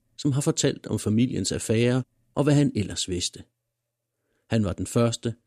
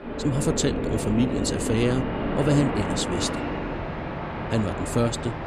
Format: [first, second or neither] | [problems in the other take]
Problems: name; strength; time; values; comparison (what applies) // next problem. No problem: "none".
first | train or aircraft noise; loud; throughout; 3 dB below the speech